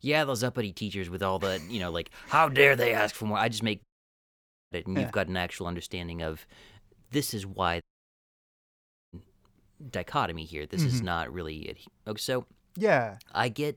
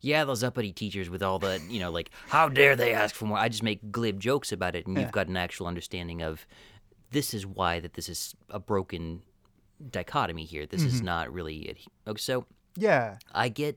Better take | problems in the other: second | audio cutting out; at 4 s for 1 s and at 8 s for 1.5 s

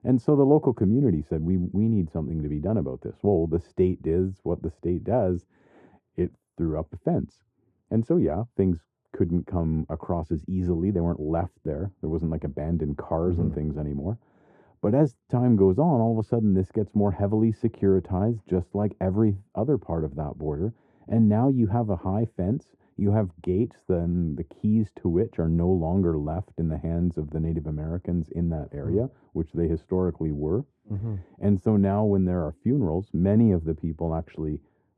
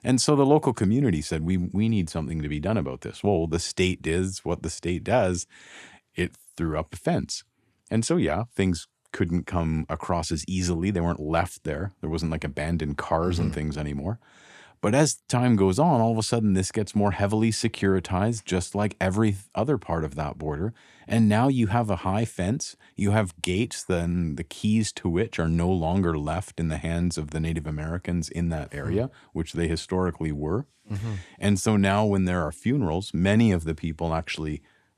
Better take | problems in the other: second | muffled; very; fading above 1.5 kHz

